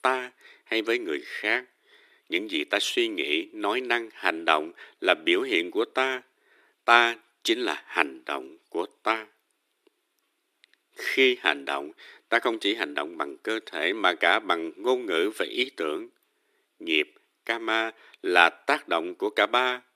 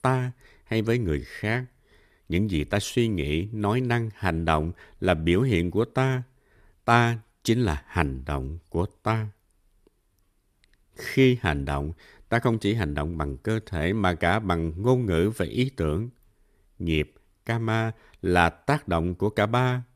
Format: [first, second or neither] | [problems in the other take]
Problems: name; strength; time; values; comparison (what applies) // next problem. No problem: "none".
second | thin; very; fading below 300 Hz